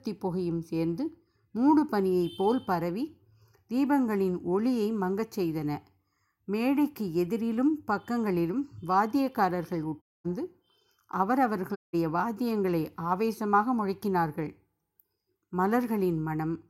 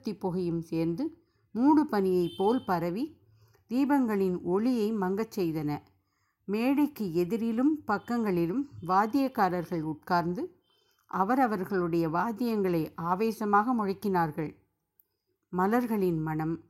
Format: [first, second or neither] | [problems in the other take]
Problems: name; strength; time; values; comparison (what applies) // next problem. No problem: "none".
second | audio cutting out; at 10 s and at 12 s